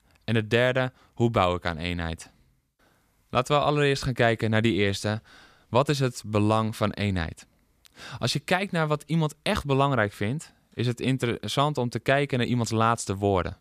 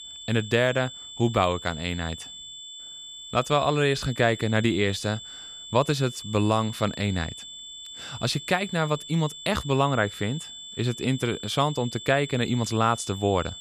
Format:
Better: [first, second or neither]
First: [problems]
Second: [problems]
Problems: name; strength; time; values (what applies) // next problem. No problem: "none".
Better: first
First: none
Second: high-pitched whine; noticeable; throughout; 3.5 kHz, 10 dB below the speech